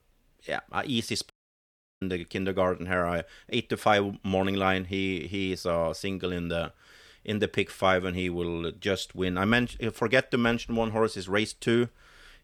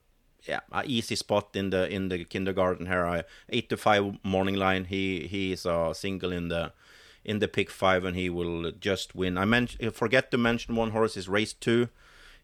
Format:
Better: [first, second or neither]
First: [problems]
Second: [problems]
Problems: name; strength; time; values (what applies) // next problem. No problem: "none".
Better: second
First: audio cutting out; at 1.5 s for 0.5 s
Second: none